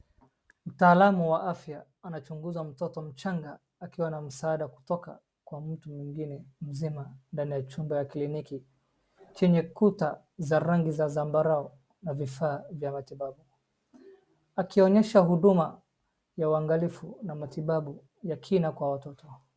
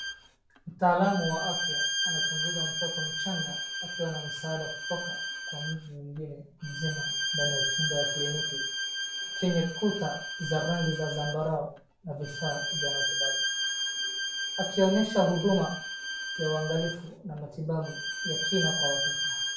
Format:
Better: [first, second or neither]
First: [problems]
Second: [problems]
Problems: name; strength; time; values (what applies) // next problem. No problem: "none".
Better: first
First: none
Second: background sound (Bowed string instrument); 1 dB below the speech // room echo; dies away in 0.4 s